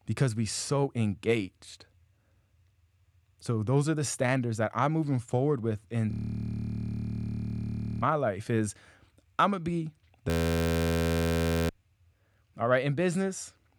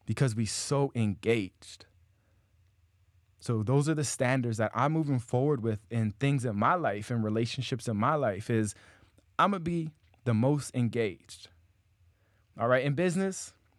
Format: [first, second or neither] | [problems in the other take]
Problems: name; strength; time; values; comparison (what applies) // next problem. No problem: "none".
second | audio freezing; at 6 s for 2 s and at 10 s for 1.5 s